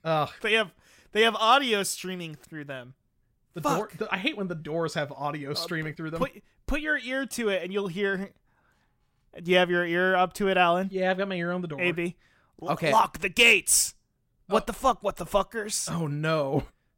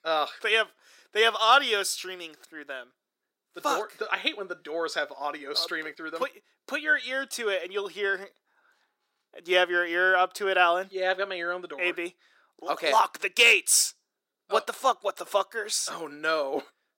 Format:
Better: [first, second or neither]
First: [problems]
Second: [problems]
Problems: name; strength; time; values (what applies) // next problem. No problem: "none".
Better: first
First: none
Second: thin; very; fading below 350 Hz